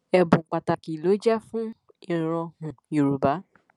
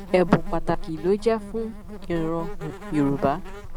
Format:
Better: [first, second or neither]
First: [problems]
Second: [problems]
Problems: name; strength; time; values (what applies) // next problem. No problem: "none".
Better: first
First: none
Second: background sound (Insect); 7 dB below the speech